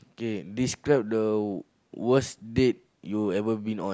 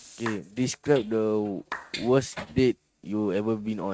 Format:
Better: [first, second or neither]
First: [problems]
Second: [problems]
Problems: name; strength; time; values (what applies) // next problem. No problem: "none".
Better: first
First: none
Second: noise reduction (neural mask model RNNoise)